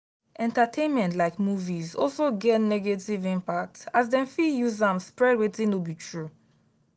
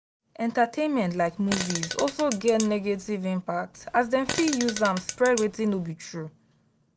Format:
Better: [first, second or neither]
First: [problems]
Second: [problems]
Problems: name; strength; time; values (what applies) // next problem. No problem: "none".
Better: first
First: none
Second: background sound (Fart); 9 dB below the speech